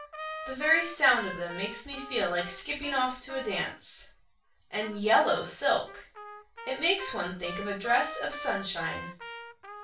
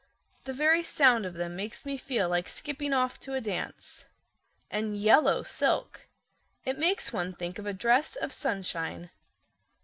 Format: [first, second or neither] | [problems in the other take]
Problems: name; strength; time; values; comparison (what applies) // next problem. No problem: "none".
second | background sound (Trumpet); 12 dB below the speech // room echo; dies away in 0.3 s